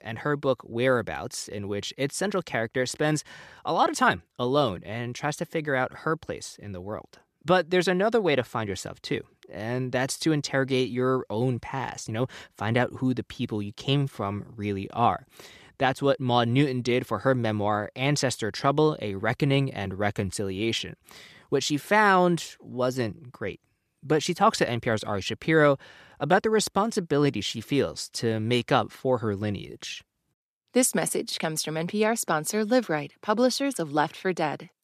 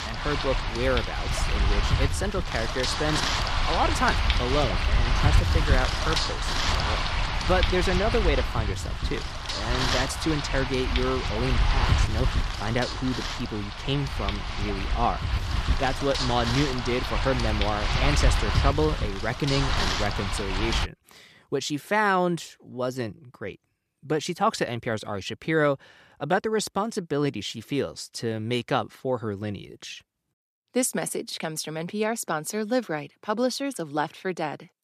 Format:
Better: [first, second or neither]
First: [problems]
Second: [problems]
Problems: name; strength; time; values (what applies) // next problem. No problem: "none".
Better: first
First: none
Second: wind noise on the microphone; heavy; until 21 s; as loud as the speech